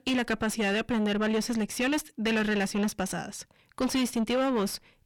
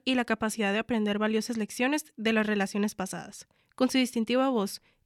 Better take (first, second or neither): second